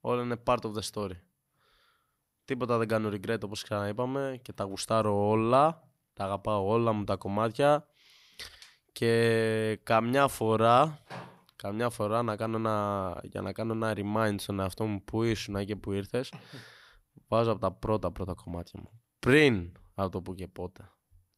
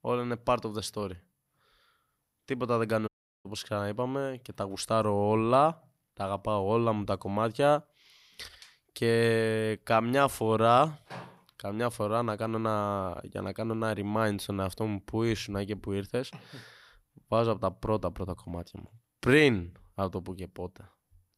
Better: first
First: none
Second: audio cutting out; at 3 s

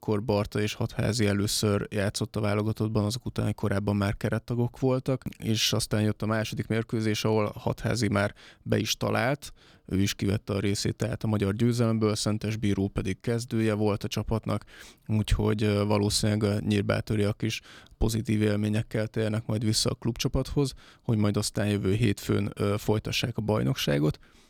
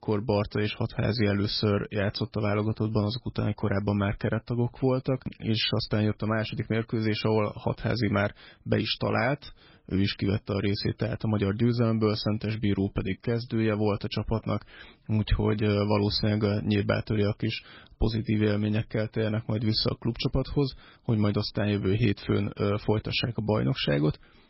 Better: first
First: none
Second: garbled, watery; badly; nothing above 5.5 kHz

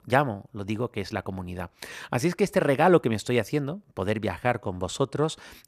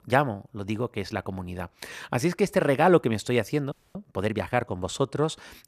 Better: first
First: none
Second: audio freezing; at 3.5 s

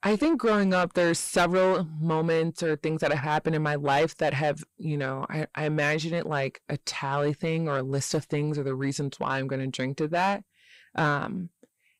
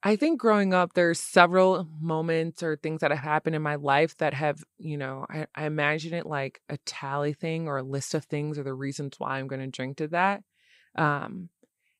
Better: second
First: distortion; heavy; 7 dB below the speech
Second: none

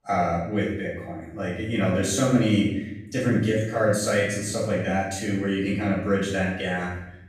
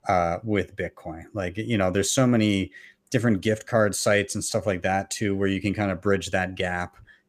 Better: second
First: off-mic speech; far // room echo; noticeable; dies away in 0.8 s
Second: none

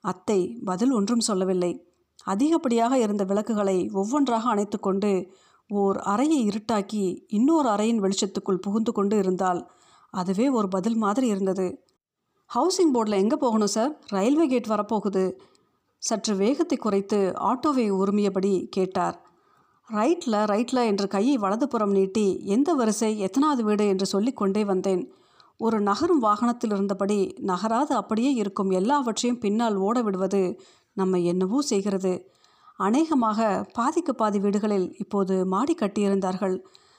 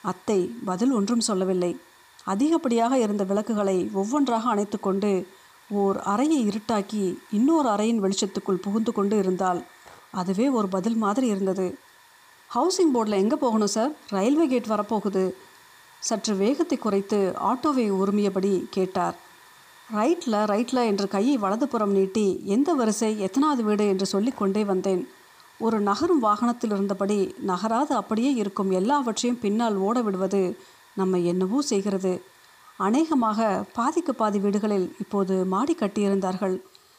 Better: first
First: none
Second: hiss; faint; throughout; 25 dB below the speech

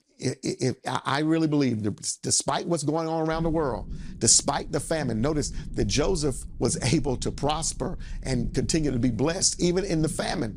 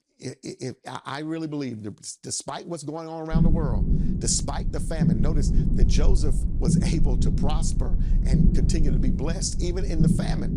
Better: first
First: low rumble; faint; from 3.5 s on; 25 dB below the speech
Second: low rumble; loud; from 3.5 s on; 2 dB below the speech

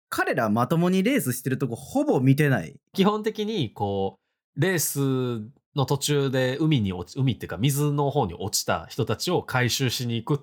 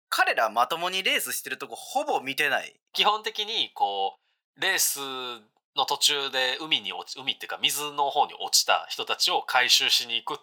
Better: first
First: none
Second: thin; very; fading below 850 Hz

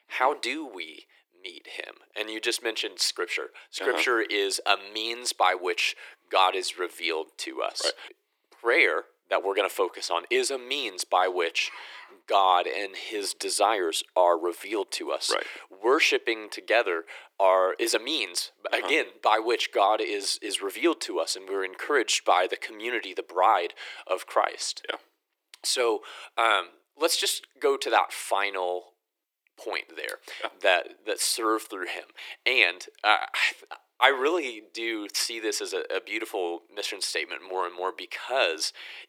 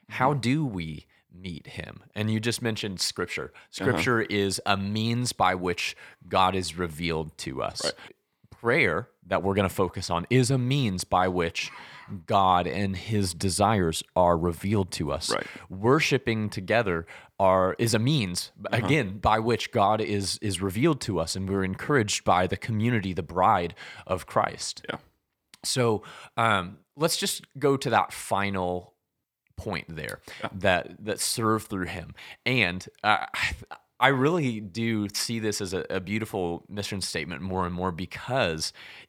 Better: second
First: thin; very; fading below 350 Hz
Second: none

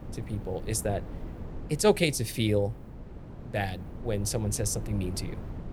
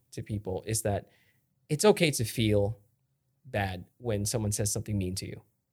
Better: second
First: wind noise on the microphone; occasional gusts; 15 dB below the speech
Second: none

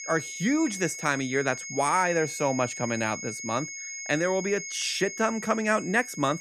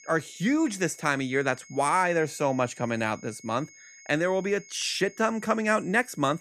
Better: second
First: high-pitched whine; loud; throughout; 2 kHz, 8 dB below the speech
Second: high-pitched whine; faint; throughout; 2 kHz, 20 dB below the speech

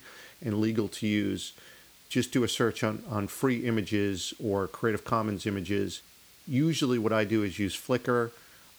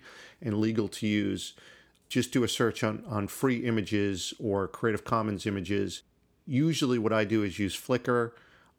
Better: second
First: hiss; faint; throughout; 25 dB below the speech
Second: none

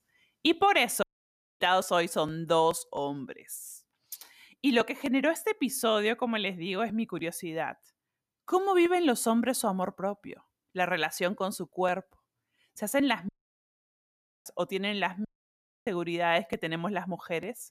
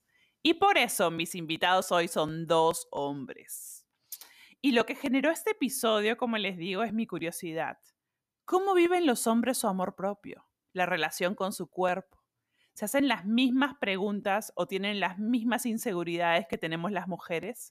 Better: second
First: audio cutting out; at 1 s for 0.5 s, at 13 s for 1 s and at 15 s for 0.5 s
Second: none

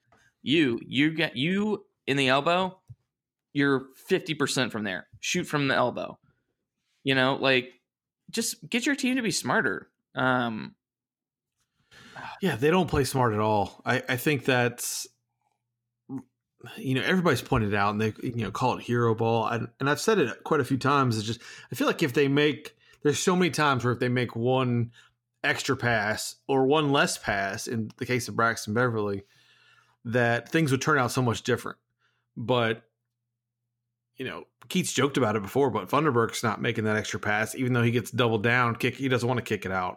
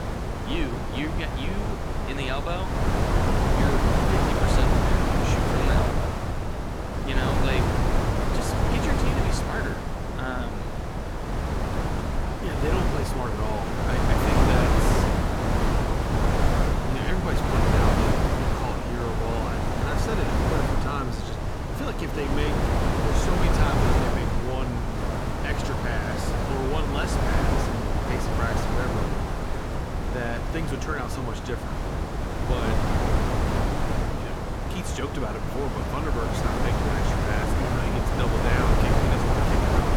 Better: first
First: none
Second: wind noise on the microphone; heavy; 5 dB above the speech

